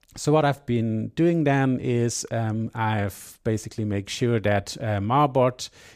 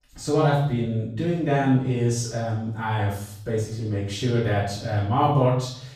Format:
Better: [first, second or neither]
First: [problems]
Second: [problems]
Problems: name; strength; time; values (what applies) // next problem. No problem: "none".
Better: first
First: none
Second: off-mic speech; far // room echo; noticeable; dies away in 0.7 s